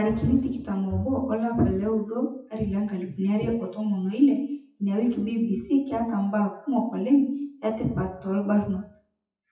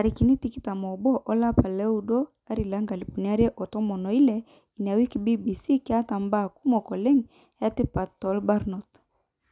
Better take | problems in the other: second | noise reduction (classical method WPE with log-MMSE)

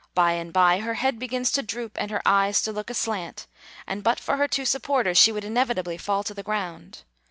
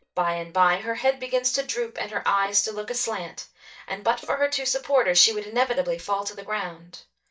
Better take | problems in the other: first | noise reduction (neural mask model DeepFilterNet 3)

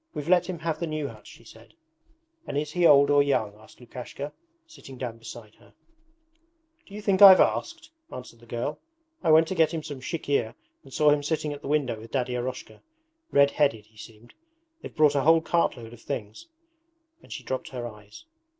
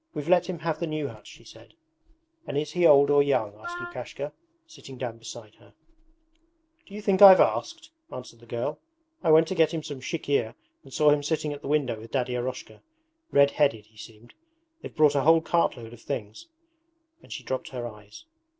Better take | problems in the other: first | background sound (Wind instrument, woodwind instrument); 11 dB below the speech

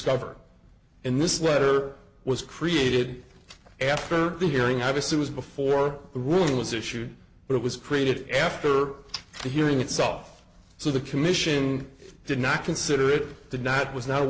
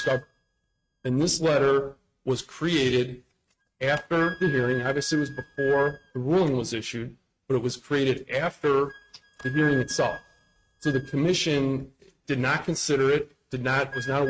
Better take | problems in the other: first | noise reduction (neural mask model RNNoise)

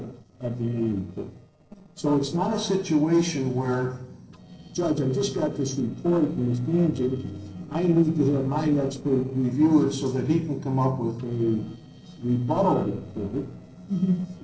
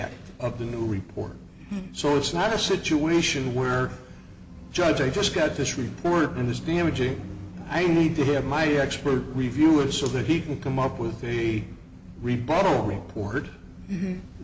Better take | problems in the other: second | noise reduction (neural separator model SepFormer DNS4)

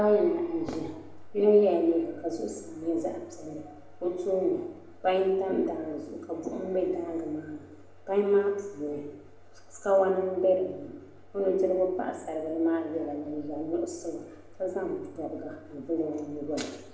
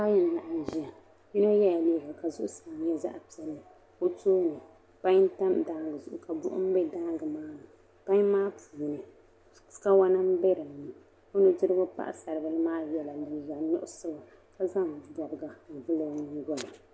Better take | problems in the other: second | room echo; dies away in 0.8 s

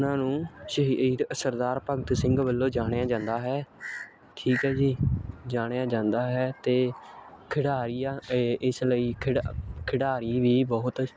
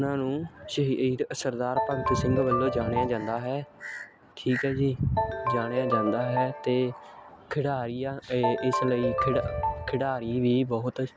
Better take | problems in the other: first | background sound (Ringtone); 3 dB below the speech

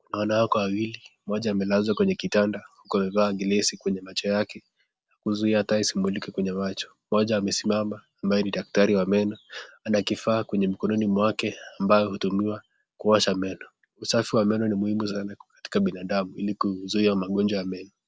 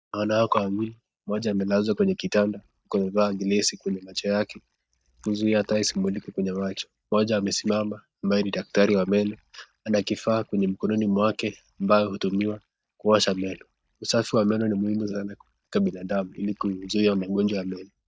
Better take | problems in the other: first | noise reduction (neural mask model DeepFilterNet 3)

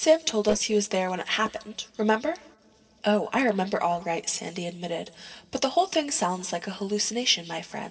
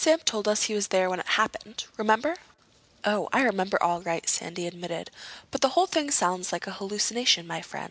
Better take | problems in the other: second | noise reduction (neural separator model SepFormer DNS4)

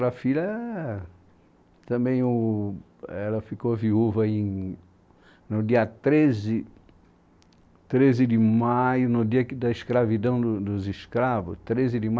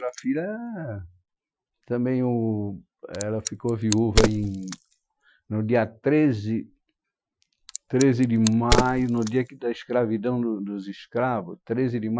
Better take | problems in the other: first | noise reduction (classical method Wiener filter)

